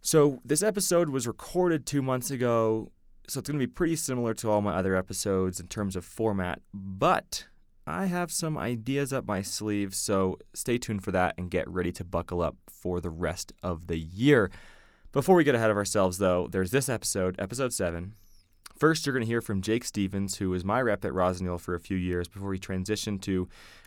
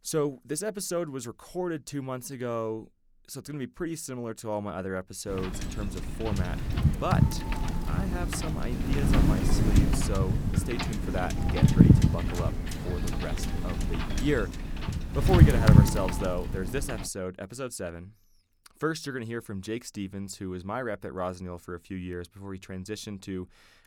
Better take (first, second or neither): first